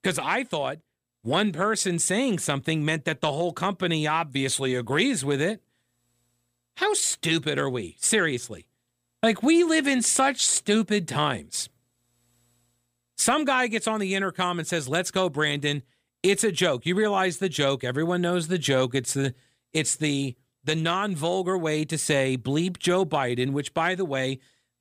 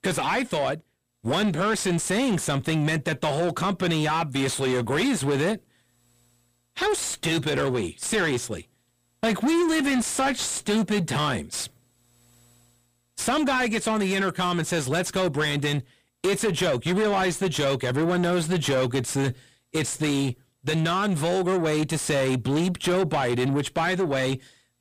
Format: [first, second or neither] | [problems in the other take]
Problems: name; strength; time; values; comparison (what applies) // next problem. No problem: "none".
first | distortion; heavy; 7 dB below the speech